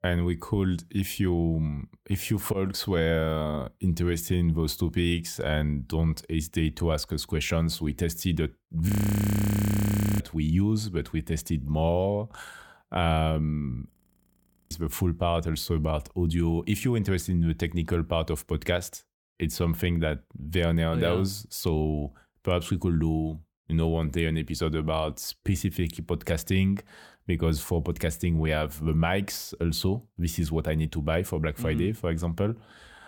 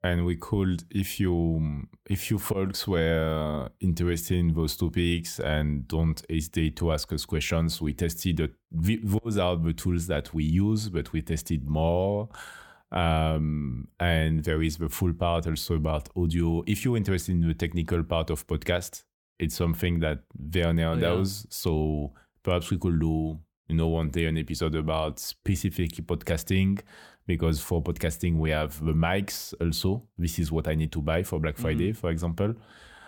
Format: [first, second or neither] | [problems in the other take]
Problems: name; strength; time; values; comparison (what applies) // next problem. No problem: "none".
second | audio freezing; at 9 s for 1.5 s and at 14 s for 1 s